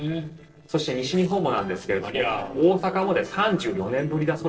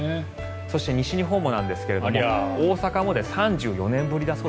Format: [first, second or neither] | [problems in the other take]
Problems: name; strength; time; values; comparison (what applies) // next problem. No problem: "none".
second | noise reduction (neural separator model SepFormer DNS4)